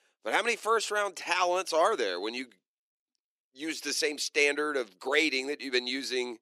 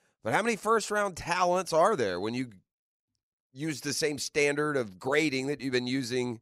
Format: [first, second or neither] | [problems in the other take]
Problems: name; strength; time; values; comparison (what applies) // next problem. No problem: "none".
second | thin; very slightly; fading below 300 Hz